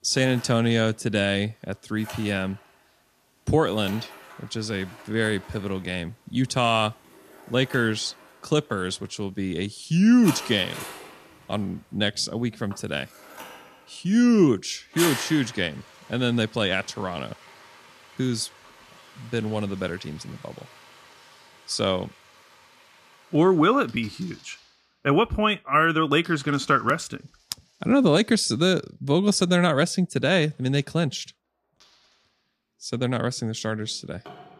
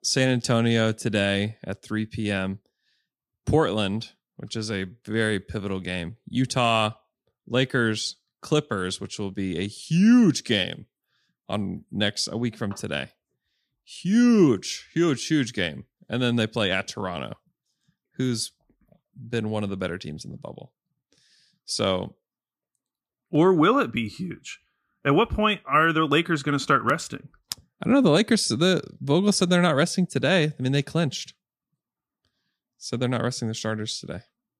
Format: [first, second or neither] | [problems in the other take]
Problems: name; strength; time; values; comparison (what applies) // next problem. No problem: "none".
second | household noises; noticeable; throughout; 15 dB below the speech